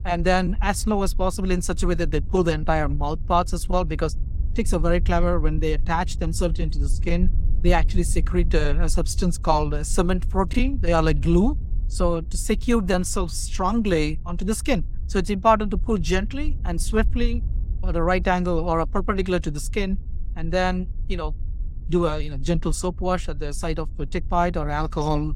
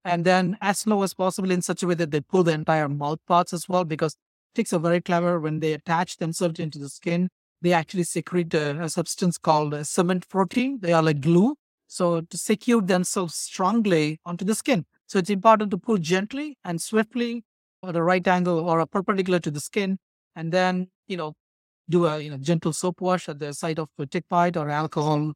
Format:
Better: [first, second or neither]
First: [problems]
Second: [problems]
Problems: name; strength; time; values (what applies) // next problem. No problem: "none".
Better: second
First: low rumble; faint; throughout; 25 dB below the speech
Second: none